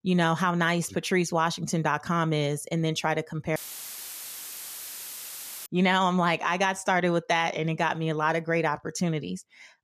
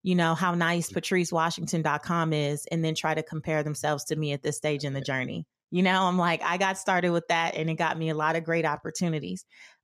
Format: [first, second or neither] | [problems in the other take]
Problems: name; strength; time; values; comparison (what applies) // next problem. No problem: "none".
second | audio cutting out; filled with static; at 3.5 s for 2 s